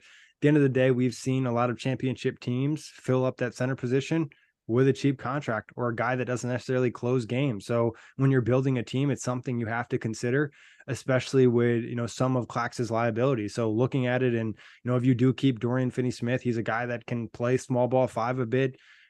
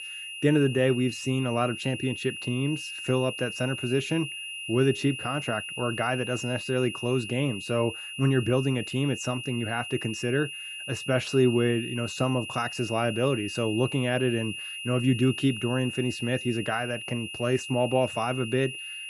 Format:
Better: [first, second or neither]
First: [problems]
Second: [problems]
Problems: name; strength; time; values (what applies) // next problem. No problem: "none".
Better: first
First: none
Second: high-pitched whine; loud; throughout; 3 kHz, 7 dB below the speech